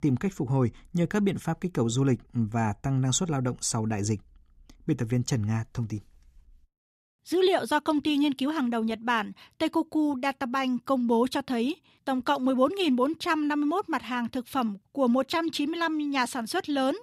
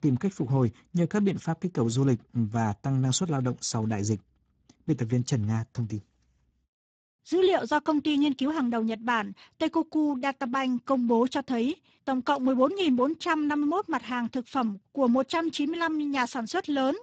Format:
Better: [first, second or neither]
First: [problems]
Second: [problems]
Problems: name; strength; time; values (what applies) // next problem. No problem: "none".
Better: first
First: none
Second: garbled, watery; badly; nothing above 7.5 kHz